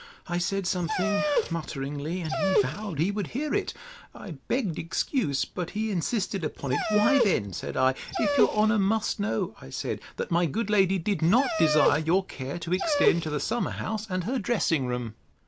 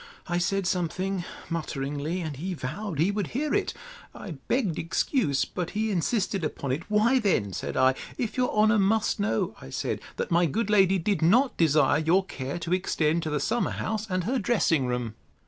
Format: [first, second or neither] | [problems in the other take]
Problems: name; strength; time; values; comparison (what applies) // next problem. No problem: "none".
second | background sound (Dog); 2 dB below the speech